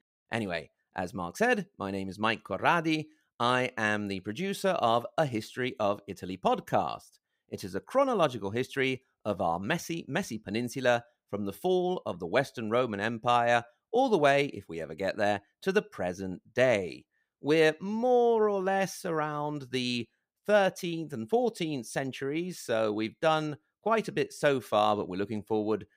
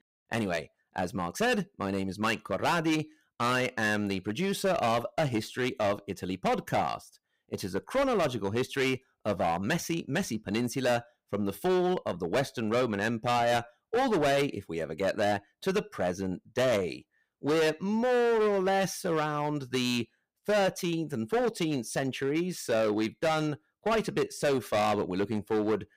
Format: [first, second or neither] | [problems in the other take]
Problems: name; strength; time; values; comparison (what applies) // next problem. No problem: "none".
first | distortion; heavy; 12% of the sound clipped